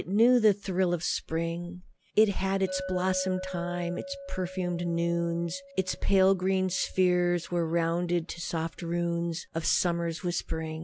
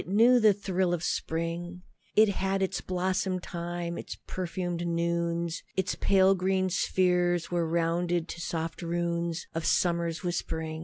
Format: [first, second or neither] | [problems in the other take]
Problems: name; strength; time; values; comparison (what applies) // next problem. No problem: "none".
second | background sound (Chink, clink); 16 dB below the speech